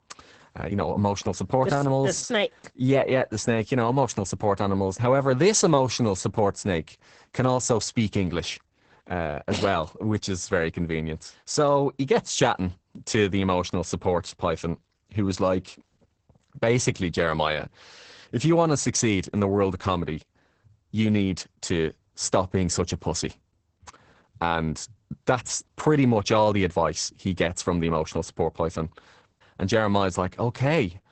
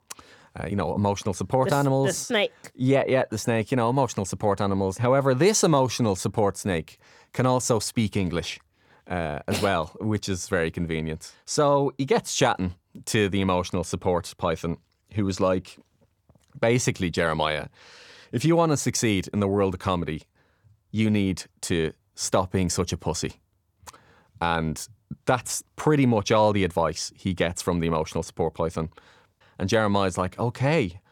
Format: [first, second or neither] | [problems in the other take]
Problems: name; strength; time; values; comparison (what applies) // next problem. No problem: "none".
second | garbled, watery; badly; nothing above 8 kHz